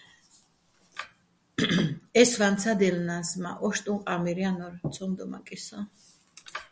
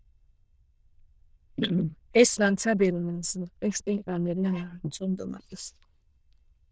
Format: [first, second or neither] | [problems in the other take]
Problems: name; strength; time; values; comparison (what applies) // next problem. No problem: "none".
first | noise reduction (neural diffusion model UNIVERSE++)